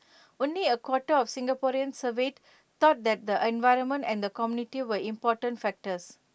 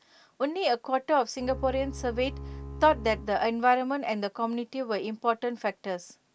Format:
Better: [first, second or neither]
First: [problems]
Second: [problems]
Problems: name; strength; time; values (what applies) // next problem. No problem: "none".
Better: first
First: none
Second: background sound (Bowed string instrument); 11 dB below the speech